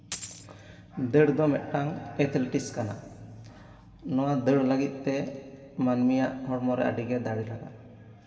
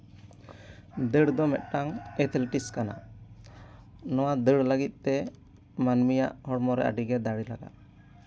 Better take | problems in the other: second | background sound (Coin (dropping)); 12 dB below the speech // room echo; dies away in 2 s

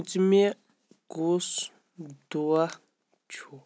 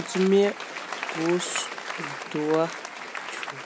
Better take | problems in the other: first | background sound (Applause); 7 dB below the speech

